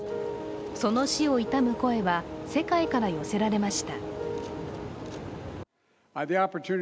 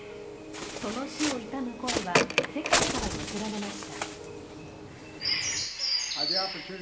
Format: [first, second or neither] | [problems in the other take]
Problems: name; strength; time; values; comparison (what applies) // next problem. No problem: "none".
first | background sound (Bird); 5 dB above the speech // room echo; dies away in 0.8 s